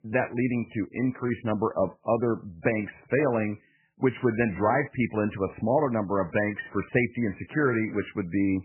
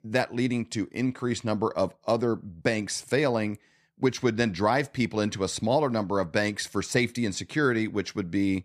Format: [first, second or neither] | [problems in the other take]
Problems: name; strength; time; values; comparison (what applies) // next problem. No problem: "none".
second | garbled, watery; badly; nothing above 2.5 kHz